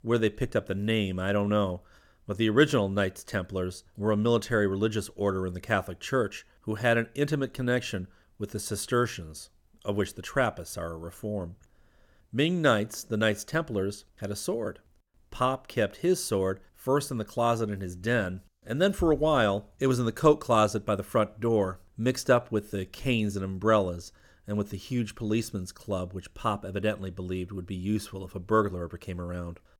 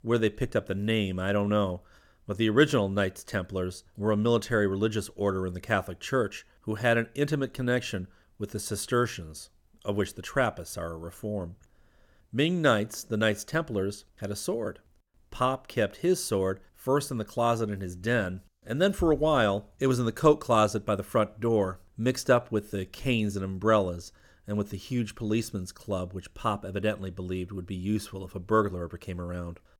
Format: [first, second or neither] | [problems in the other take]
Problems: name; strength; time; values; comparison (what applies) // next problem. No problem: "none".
neither | none